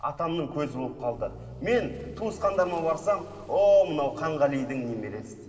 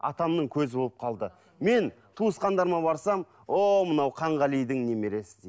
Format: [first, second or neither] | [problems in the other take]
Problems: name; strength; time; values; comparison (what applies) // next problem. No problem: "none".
second | background sound (Accelerating, revving, vroom / Motor vehicle (road)); 20 dB below the speech // room echo; dies away in 2.3 s